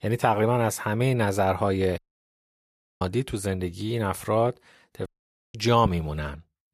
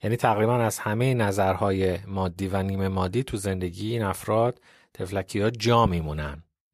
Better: second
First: audio cutting out; at 2 s for 1 s and at 5 s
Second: none

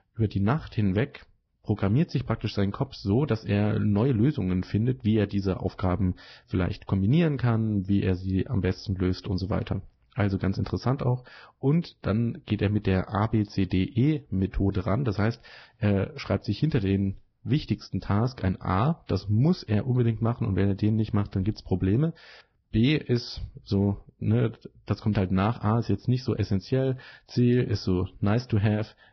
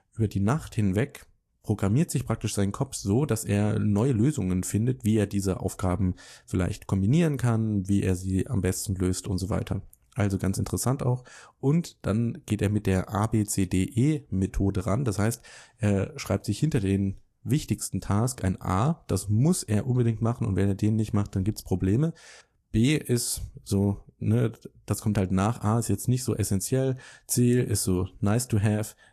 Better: second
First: garbled, watery; badly; nothing above 5.5 kHz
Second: garbled, watery; slightly; nothing above 12.5 kHz

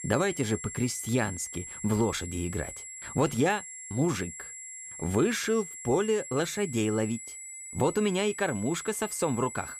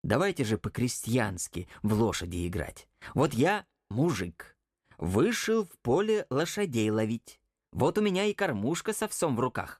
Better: second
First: high-pitched whine; loud; throughout; 7.5 kHz, 10 dB below the speech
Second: none

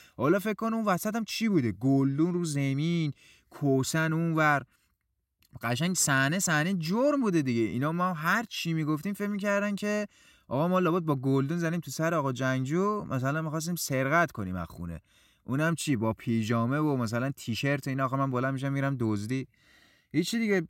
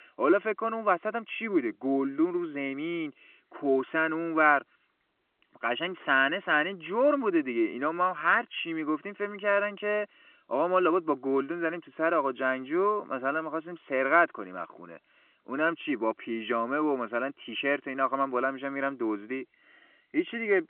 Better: first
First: none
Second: phone-call audio

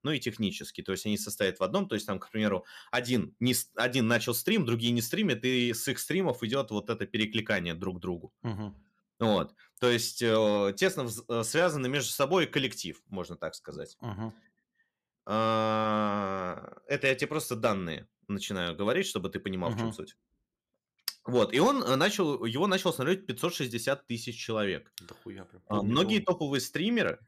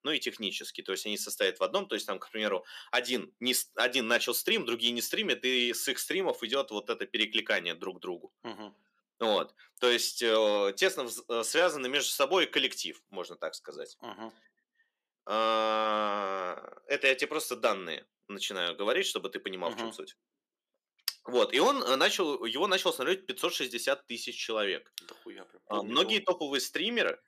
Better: first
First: none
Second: thin; somewhat; fading below 300 Hz

